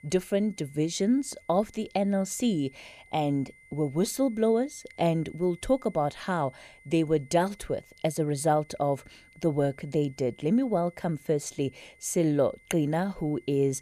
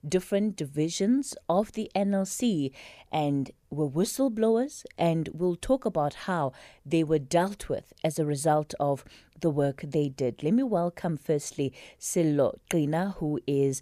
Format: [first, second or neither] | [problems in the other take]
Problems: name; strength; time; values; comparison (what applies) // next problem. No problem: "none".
second | high-pitched whine; faint; throughout; 2 kHz, 25 dB below the speech